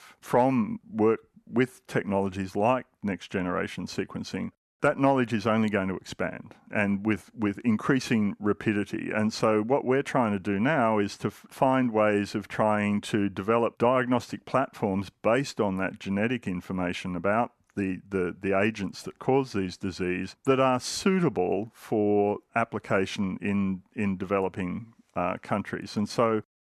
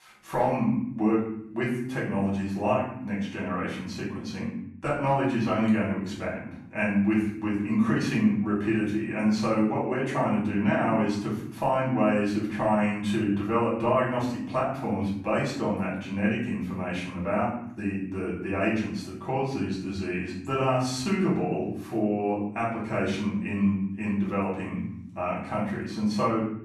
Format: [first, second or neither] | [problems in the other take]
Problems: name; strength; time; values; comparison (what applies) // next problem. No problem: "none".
first | room echo; noticeable; dies away in 0.7 s // off-mic speech; far